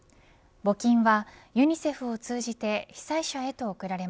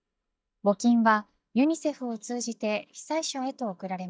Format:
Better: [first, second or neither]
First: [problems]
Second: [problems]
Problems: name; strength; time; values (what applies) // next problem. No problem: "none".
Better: first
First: none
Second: noise reduction (neural mask model DeepFilterNet 3)